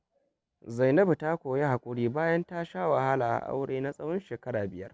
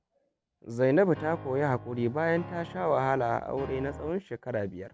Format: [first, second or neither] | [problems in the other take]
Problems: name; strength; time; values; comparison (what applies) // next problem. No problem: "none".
first | background sound (Piano); 14 dB below the speech